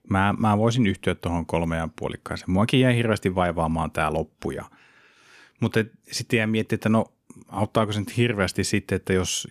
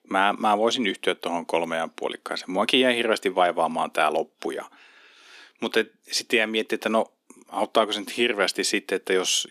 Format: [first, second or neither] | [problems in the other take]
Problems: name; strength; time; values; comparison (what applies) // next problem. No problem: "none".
first | thin; somewhat; fading below 300 Hz